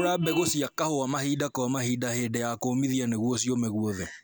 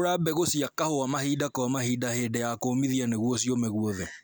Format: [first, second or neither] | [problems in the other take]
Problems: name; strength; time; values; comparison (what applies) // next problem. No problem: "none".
second | background sound (Vehicle horn, car horn, honking); 15 dB below the speech